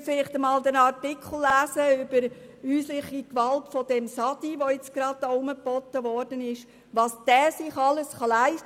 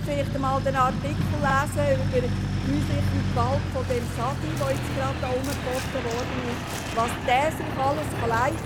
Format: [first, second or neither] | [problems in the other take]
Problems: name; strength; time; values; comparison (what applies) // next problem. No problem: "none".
first | background sound (Truck); as loud as the speech